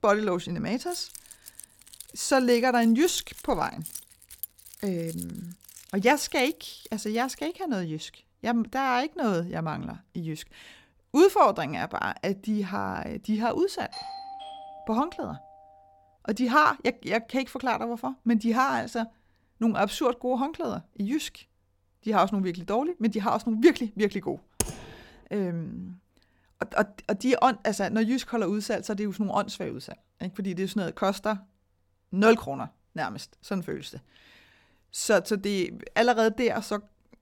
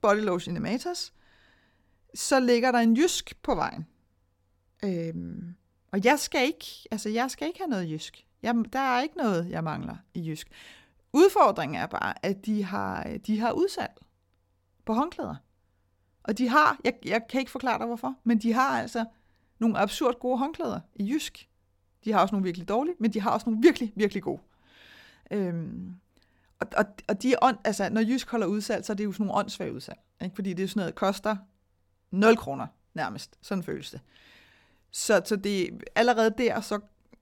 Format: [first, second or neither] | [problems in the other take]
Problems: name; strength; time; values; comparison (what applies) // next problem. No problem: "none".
second | jangling keys; faint; from 1 to 7.5 s; peak 10 dB below the speech // doorbell; faint; from 14 to 16 s; peak 10 dB below the speech // keyboard typing; noticeable; at 25 s; peak 4 dB below the speech